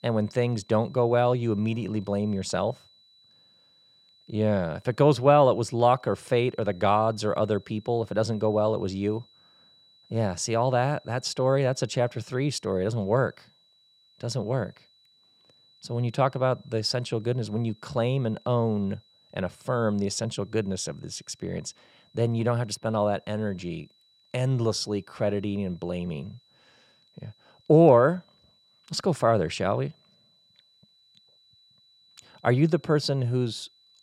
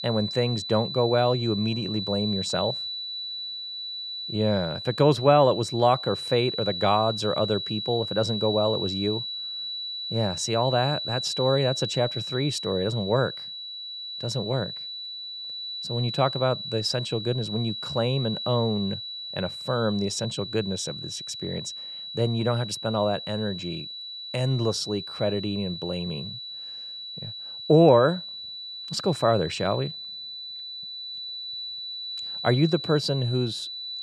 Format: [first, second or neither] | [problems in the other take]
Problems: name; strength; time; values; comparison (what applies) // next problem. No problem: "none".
first | high-pitched whine; loud; throughout; 4 kHz, 6 dB below the speech; faint in the first